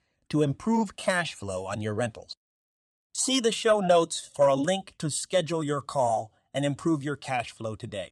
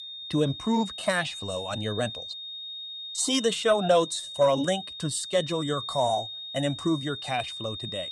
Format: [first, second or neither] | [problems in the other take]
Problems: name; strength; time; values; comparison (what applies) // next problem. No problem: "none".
first | high-pitched whine; loud; throughout; 3.5 kHz, 8 dB below the speech